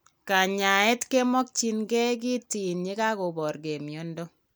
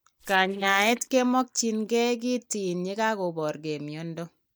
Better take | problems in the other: first | noise reduction (neural mask model DeepFilterNet 3)

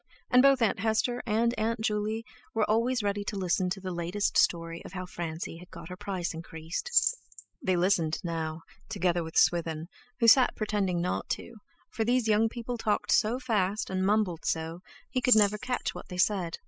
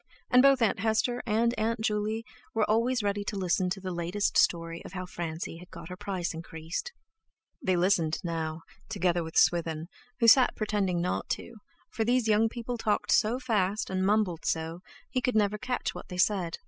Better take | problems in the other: second | noise reduction (neural mask model Resemble Enhance denoiser)

